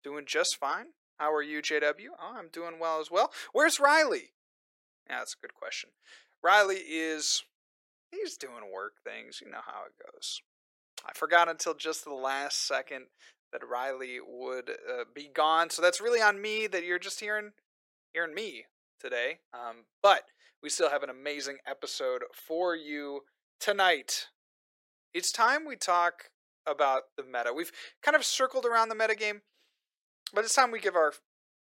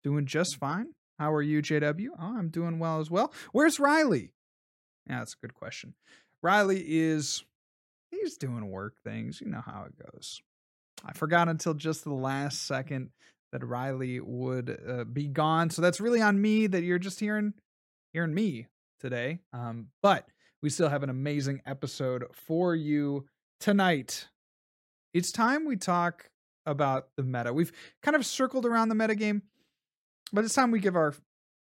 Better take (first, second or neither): second